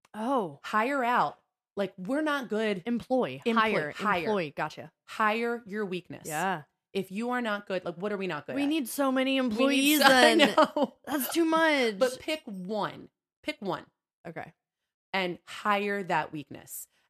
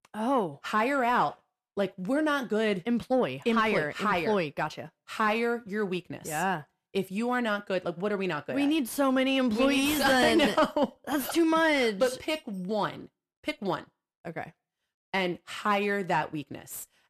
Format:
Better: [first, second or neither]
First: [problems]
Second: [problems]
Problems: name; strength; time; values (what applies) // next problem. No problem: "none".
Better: first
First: none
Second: distortion; slight; 10 dB below the speech